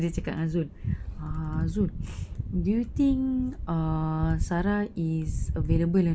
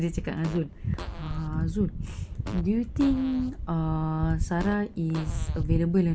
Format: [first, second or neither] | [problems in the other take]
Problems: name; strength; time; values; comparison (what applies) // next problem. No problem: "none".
first | background sound (Fart); 18 dB below the speech